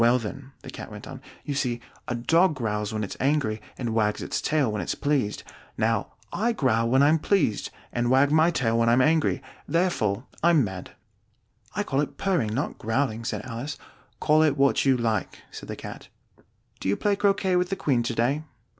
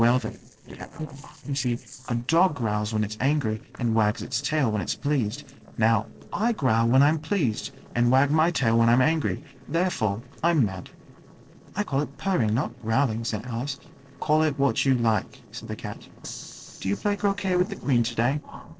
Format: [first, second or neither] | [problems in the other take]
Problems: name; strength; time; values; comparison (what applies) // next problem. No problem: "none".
first | noise reduction (neural separator model SepFormer DNS4)